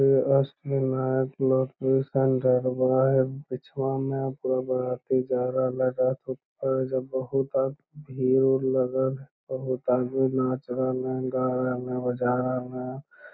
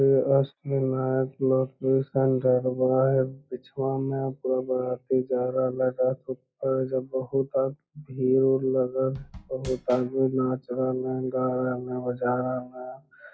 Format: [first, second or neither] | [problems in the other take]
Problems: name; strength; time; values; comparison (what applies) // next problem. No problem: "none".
first | noise reduction (classical method log-MMSE)